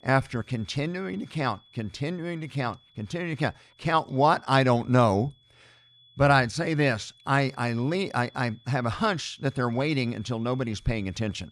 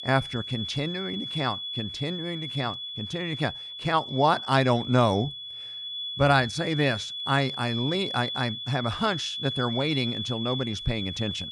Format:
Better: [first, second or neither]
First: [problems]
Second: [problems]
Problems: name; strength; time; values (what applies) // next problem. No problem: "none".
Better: first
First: high-pitched whine; faint; throughout; 3.5 kHz, 30 dB below the speech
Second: high-pitched whine; loud; throughout; 3.5 kHz, 5 dB below the speech